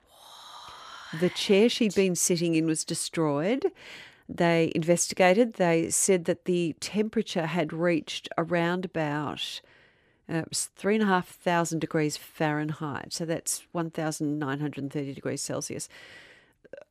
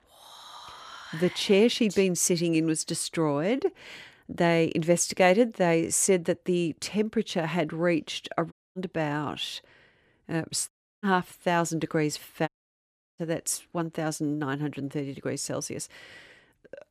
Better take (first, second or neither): first